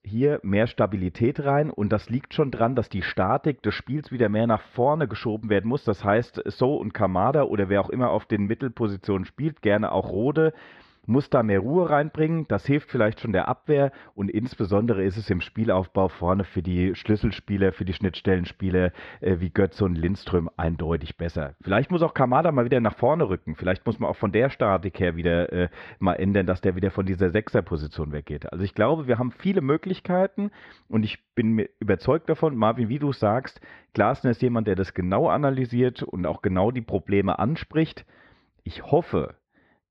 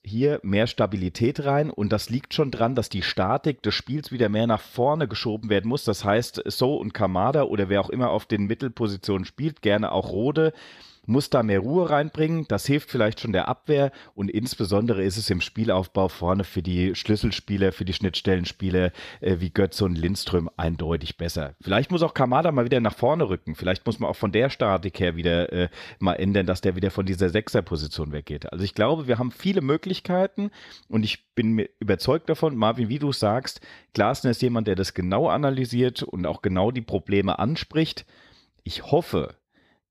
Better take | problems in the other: second | muffled; very; fading above 2 kHz

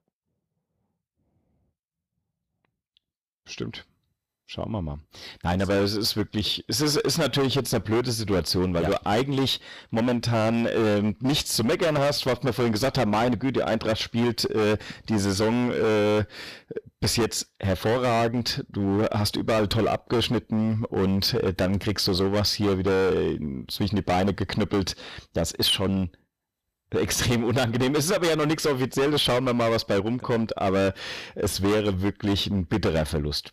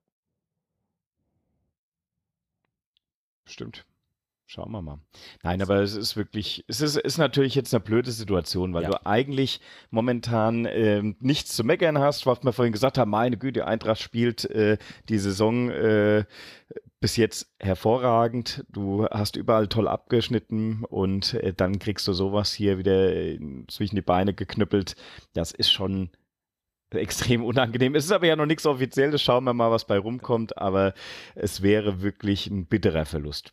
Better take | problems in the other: second | distortion; heavy; 18% of the sound clipped

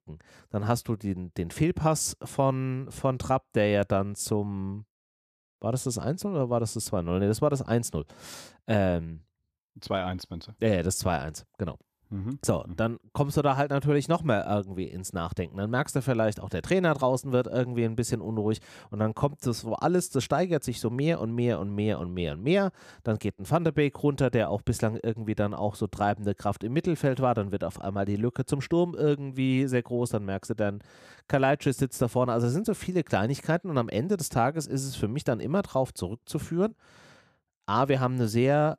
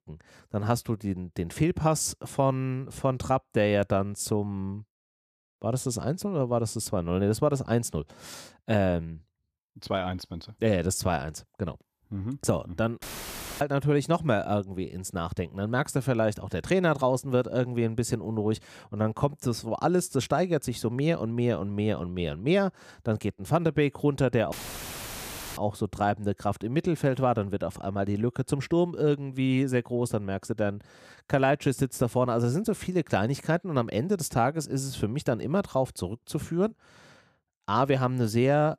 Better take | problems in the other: first | audio cutting out; filled with static; at 13 s for 0.5 s and at 25 s for 1 s

